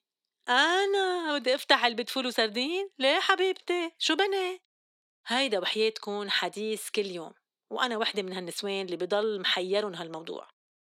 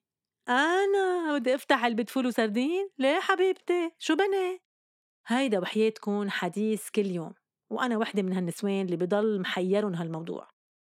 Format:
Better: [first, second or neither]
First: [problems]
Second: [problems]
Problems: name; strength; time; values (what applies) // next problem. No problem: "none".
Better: second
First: thin; somewhat; fading below 350 Hz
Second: none